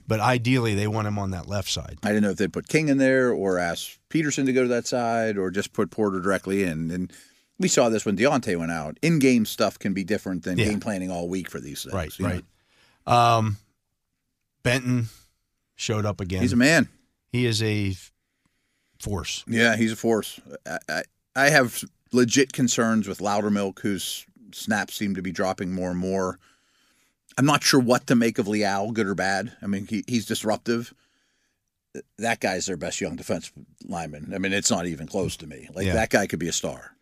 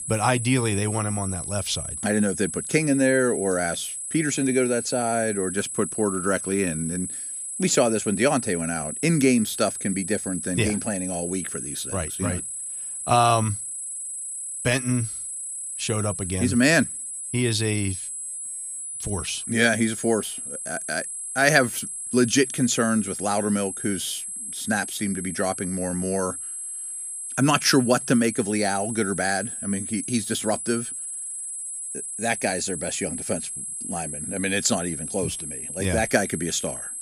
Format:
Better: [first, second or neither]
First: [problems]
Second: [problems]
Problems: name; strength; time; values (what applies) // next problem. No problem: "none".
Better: first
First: none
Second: high-pitched whine; loud; throughout; 8 kHz, 5 dB below the speech